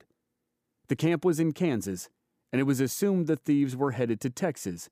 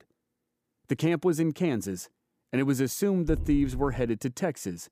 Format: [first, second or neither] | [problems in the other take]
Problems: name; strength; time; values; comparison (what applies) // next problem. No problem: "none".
first | dog barking; noticeable; at 3.5 s; peak 8 dB below the speech